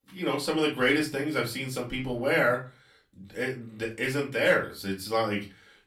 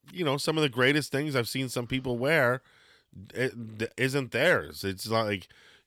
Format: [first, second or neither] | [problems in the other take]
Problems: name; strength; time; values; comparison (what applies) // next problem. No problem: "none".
second | off-mic speech; far // room echo; very slight; dies away in 0.2 s